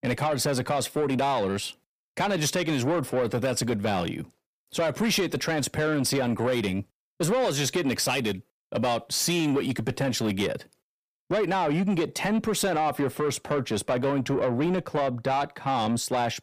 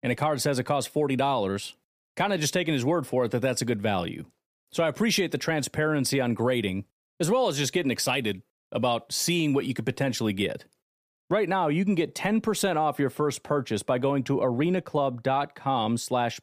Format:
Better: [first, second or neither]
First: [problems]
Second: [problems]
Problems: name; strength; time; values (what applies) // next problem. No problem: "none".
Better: second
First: distortion; slight; 10 dB below the speech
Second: none